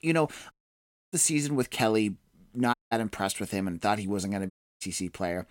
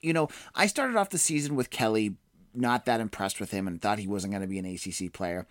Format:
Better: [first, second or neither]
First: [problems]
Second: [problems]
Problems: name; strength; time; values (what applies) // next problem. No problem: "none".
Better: second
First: audio cutting out; at 0.5 s for 0.5 s, at 2.5 s and at 4.5 s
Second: none